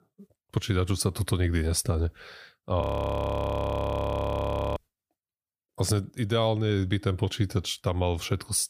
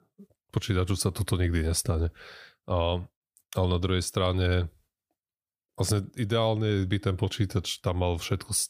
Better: second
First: audio freezing; at 3 s for 2 s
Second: none

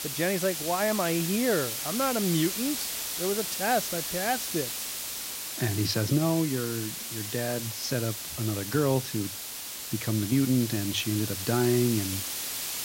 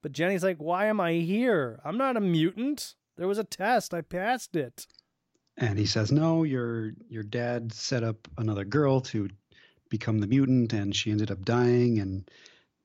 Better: second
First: hiss; loud; throughout; 3 dB below the speech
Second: none

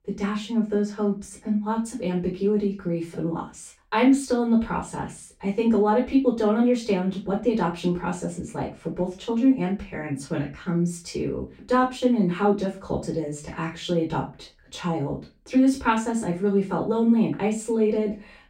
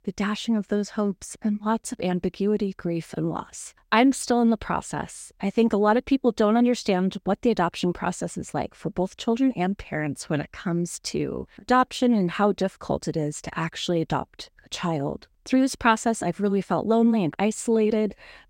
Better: second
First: off-mic speech; far // room echo; slight; dies away in 0.3 s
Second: none

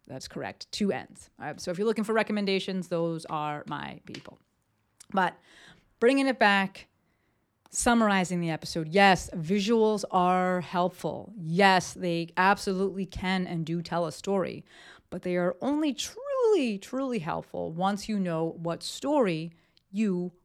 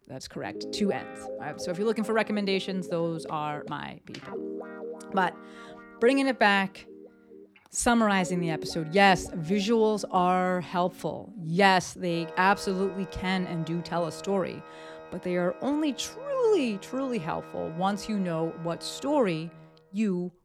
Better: first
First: none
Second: background music; noticeable; throughout; 15 dB below the speech

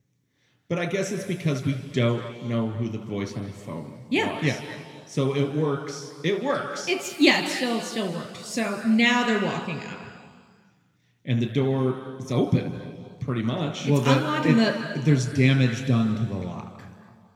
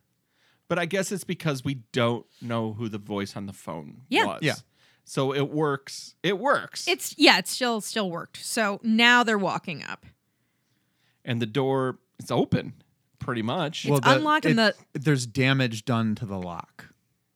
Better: second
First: room echo; noticeable; dies away in 2.1 s // off-mic speech; somewhat distant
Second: none

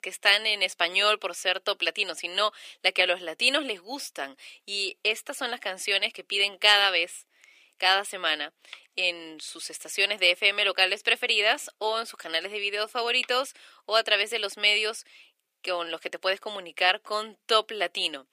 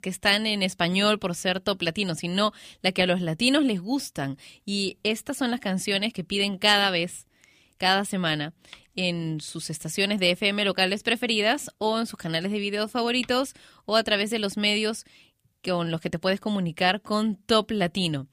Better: second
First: thin; very; fading below 400 Hz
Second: none

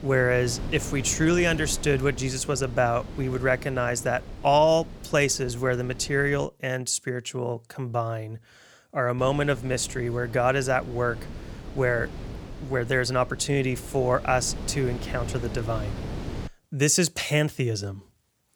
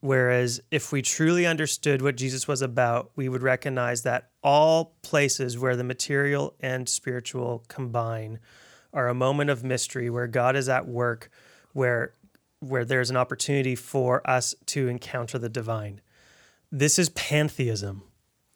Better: second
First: wind noise on the microphone; occasional gusts; until 6.5 s and from 9 to 16 s; 20 dB below the speech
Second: none

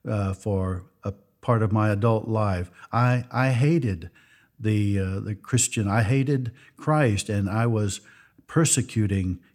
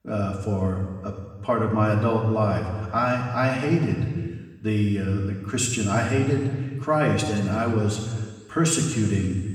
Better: first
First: none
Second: room echo; noticeable; dies away in 1.6 s // off-mic speech; far

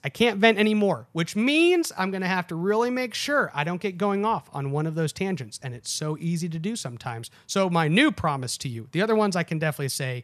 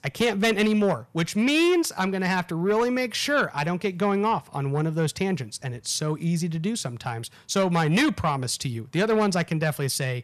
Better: first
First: none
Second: distortion; slight; 10 dB below the speech

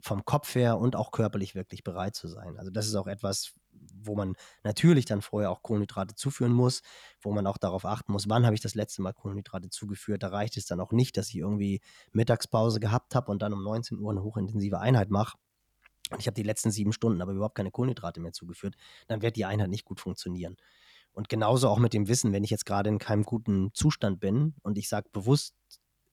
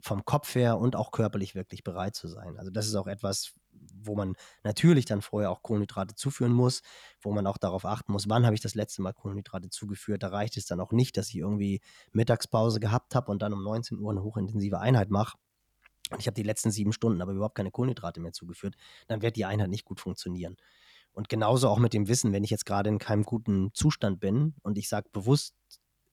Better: neither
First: none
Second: none

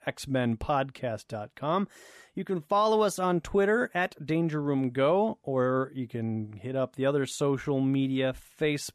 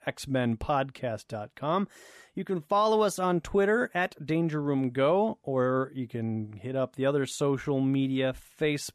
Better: neither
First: none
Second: none

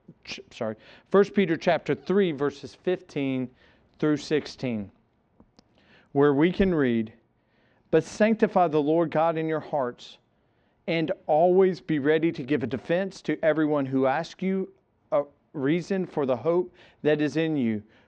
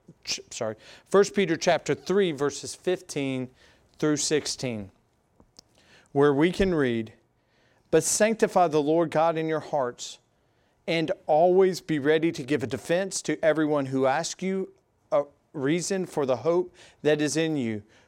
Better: second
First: muffled; slightly; fading above 3.5 kHz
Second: none

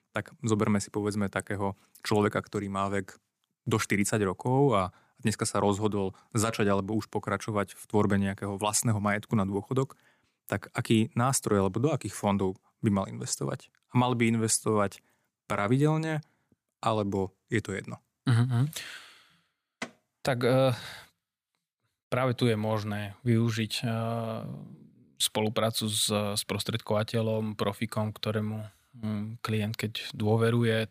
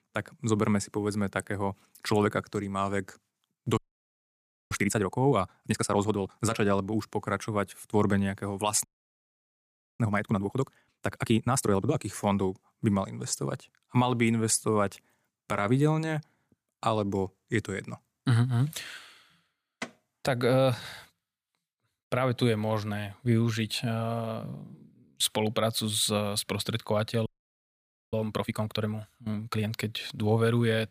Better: first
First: none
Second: audio freezing; at 4 s for 1 s, at 9 s for 1 s and at 27 s for 1 s

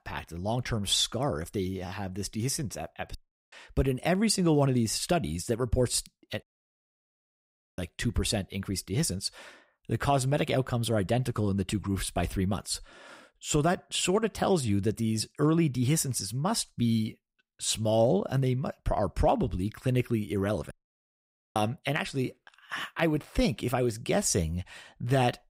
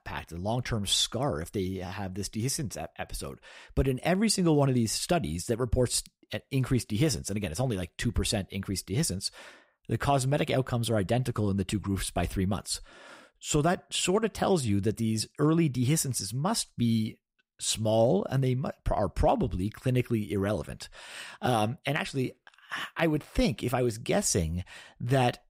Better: second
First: audio cutting out; at 3 s, at 6.5 s for 1.5 s and at 21 s for 1 s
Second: none

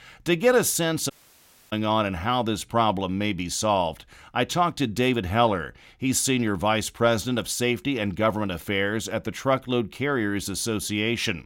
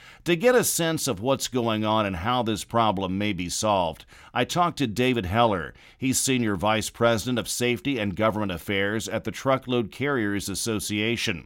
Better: second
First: audio cutting out; at 1 s for 0.5 s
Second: none

